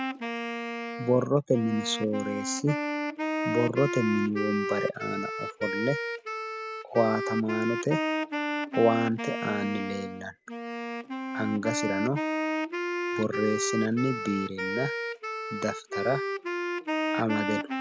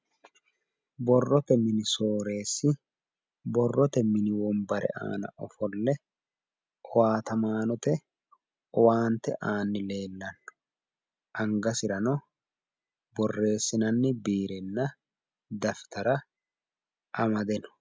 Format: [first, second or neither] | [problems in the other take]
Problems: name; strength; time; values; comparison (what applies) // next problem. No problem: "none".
second | background sound (Wind instrument, woodwind instrument); 2 dB below the speech